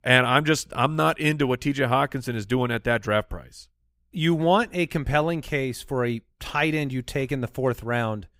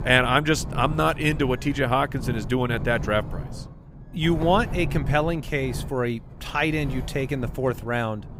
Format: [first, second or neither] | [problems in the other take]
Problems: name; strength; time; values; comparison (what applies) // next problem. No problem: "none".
first | wind noise on the microphone; occasional gusts; 15 dB below the speech